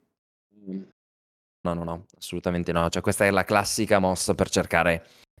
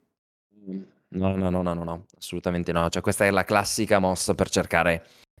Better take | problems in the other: second | audio cutting out; at 1 s for 0.5 s

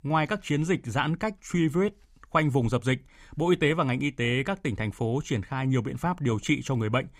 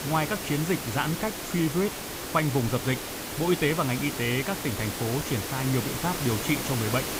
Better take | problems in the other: first | hiss; loud; throughout; 4 dB below the speech

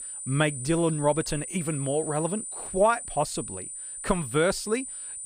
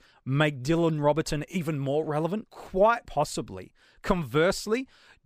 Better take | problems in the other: second | high-pitched whine; loud; throughout; 9 kHz, 7 dB below the speech

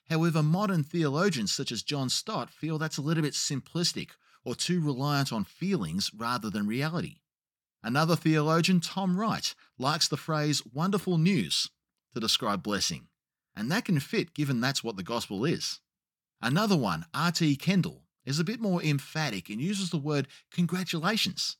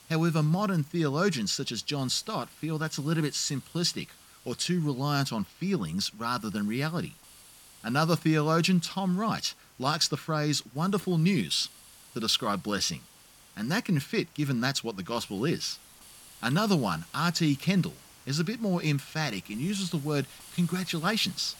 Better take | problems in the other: first | hiss; faint; throughout; 25 dB below the speech

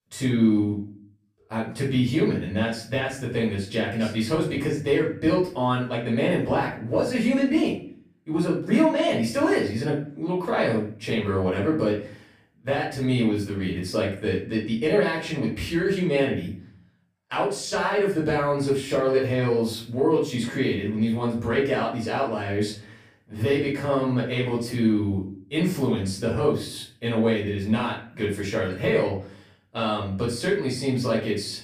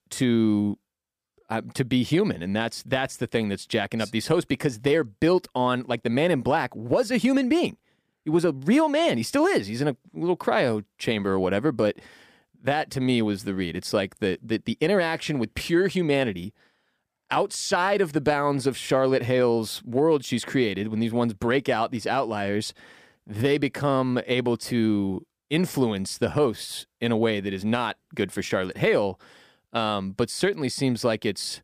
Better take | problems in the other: second | off-mic speech; far // room echo; noticeable; dies away in 0.4 s

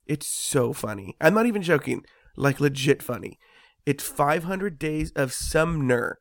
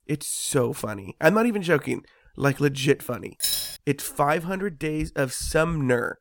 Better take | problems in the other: first | jangling keys; loud; at 3.5 s; peak 1 dB above the speech

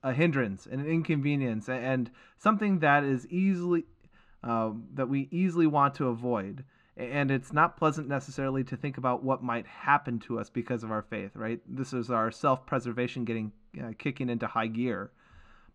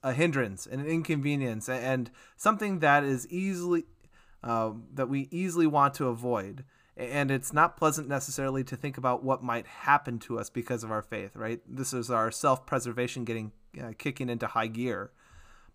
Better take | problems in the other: second | muffled; slightly; fading above 3 kHz

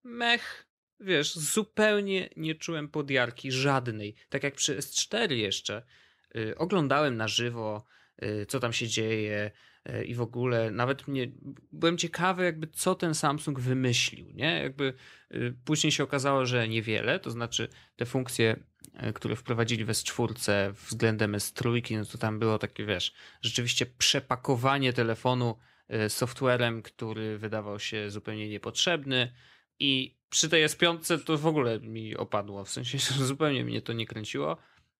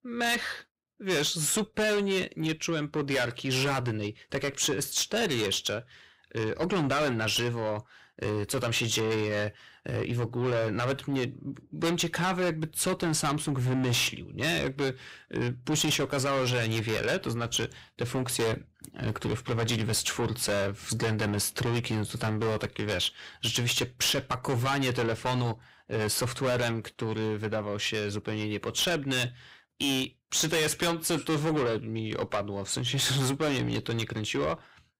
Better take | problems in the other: first | distortion; heavy; 5 dB below the speech

